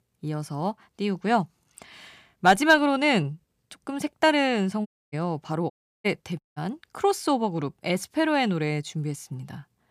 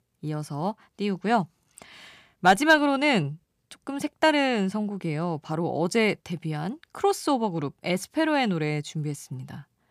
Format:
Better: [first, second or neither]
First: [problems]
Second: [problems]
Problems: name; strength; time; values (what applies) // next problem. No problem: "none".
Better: second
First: audio cutting out; at 5 s, at 5.5 s and at 6.5 s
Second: none